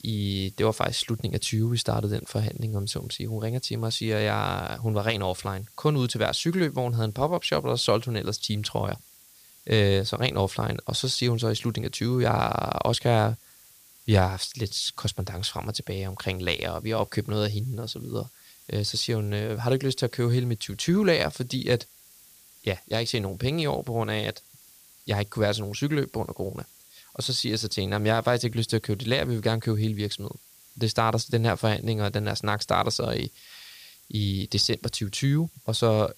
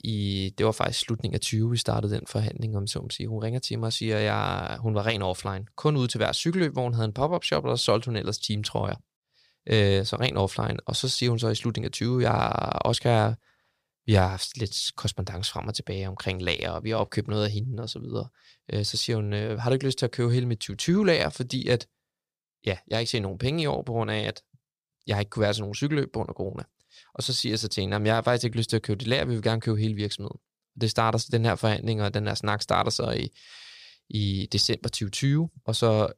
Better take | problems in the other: second | hiss; faint; throughout; 25 dB below the speech

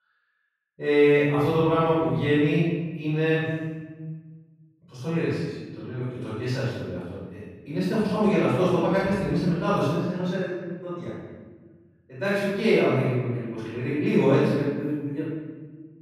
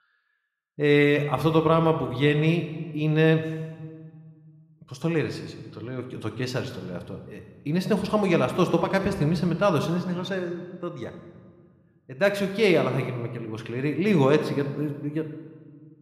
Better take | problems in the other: second | room echo; strong; dies away in 1.4 s; slight in the second // off-mic speech; far

